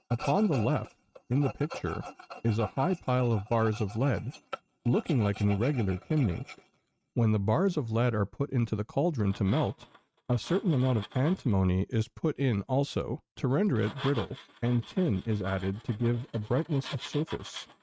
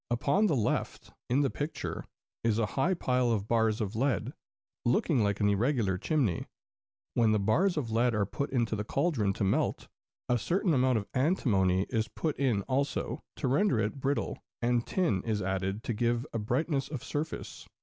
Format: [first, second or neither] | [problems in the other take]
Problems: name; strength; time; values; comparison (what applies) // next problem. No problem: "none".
second | noise reduction (neural mask model RNNoise)